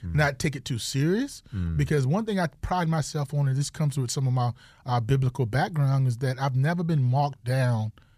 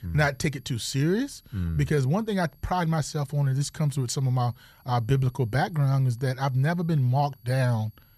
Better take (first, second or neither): first